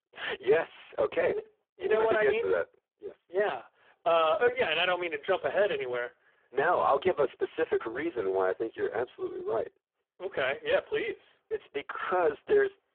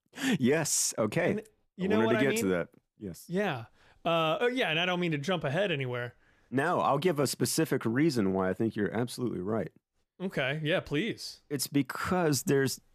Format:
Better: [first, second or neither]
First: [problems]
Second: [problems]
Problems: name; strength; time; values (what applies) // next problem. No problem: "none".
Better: second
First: phone-call audio; poor line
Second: none